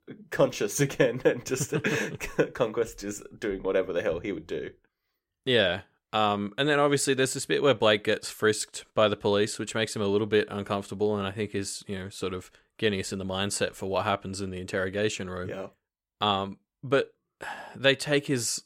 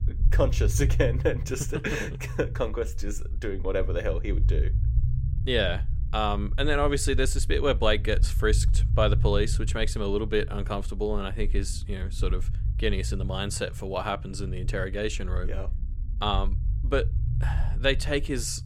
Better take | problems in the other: first | low rumble; noticeable; throughout; 15 dB below the speech

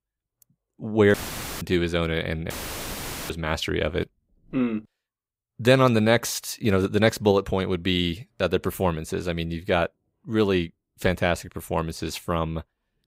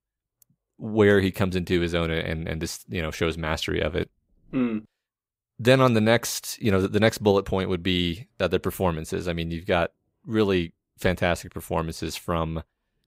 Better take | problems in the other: second | audio cutting out; filled with static; at 1 s and at 2.5 s for 1 s

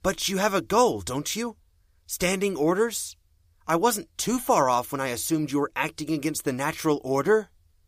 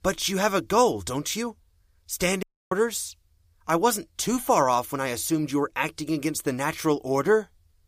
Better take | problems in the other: first | audio cutting out; at 2.5 s

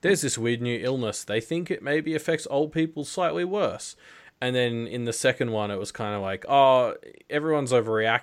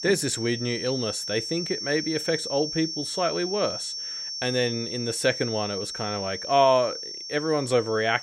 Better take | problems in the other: first | high-pitched whine; loud; throughout; 5.5 kHz, 5 dB below the speech

